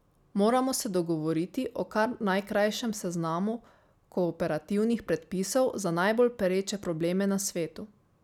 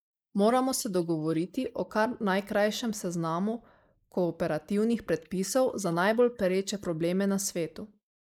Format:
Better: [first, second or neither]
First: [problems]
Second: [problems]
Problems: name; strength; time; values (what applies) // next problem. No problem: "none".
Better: first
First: none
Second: noise reduction (neural mask model Resemble Enhance denoiser)